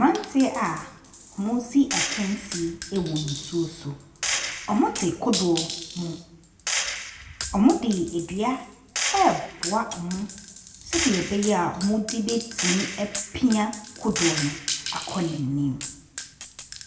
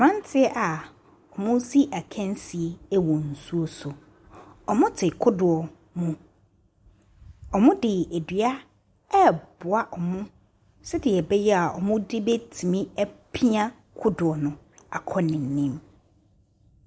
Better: second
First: background sound (Gunshot, gunfire); 6 dB below the speech // room echo; dies away in 0.6 s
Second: none

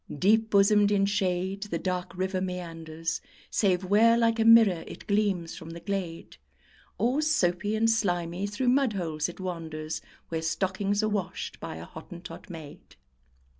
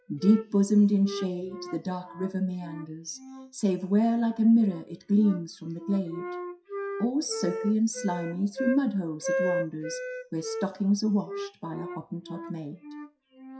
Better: first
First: none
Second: noise reduction (classical method WPE with log-MMSE)

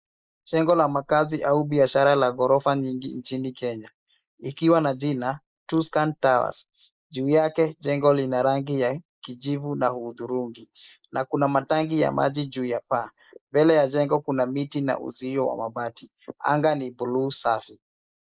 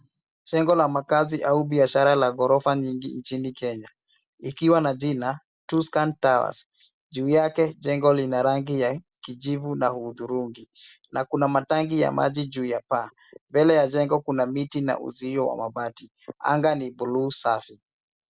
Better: second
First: noise reduction (neural mask model Resemble Enhance denoiser)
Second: none

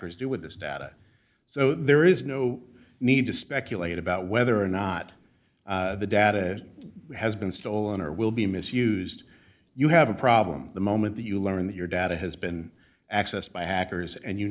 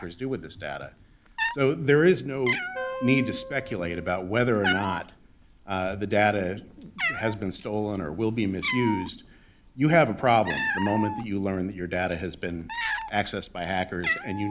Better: first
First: none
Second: background sound (Cat + Wind instrument, woodwind instrument); 8 dB below the speech

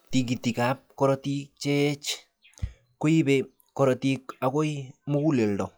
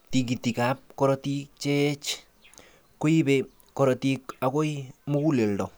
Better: second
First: noise reduction (classical method log-MMSE)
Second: none

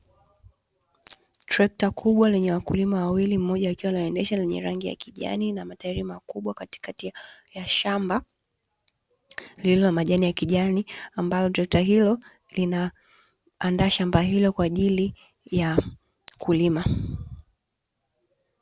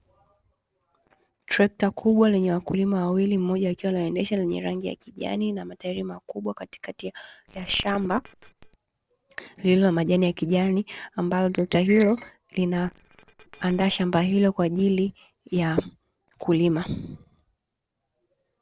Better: first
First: none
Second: noise reduction (neural separator model SepFormer DNS4)

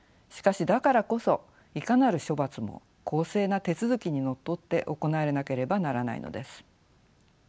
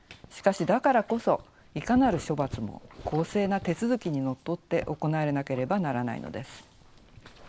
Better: first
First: none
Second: background sound (Dog); 18 dB below the speech

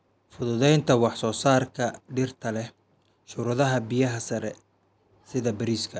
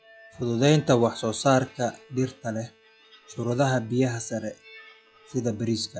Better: first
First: none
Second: noise reduction (classical method log-MMSE)

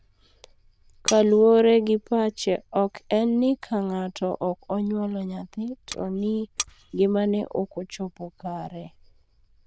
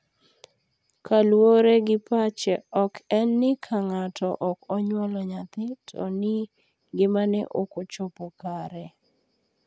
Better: second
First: noise reduction (neural diffusion model UNIVERSE++)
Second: none

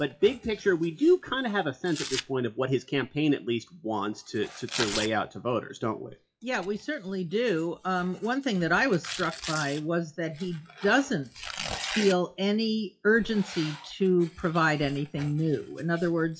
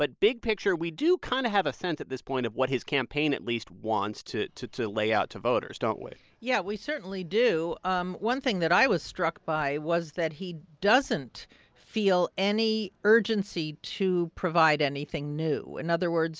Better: second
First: noise reduction (classical method WPE with log-MMSE)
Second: none

